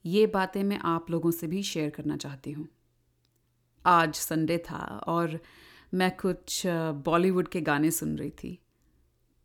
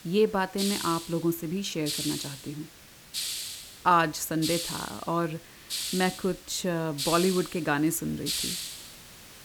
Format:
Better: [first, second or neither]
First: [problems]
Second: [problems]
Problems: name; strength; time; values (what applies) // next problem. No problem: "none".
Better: first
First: none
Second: hiss; loud; throughout; 5 dB below the speech